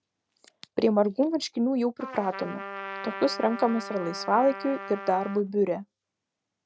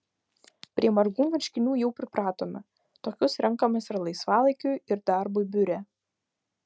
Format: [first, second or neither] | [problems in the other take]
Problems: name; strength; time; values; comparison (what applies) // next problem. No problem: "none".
second | background sound (Trumpet); 11 dB below the speech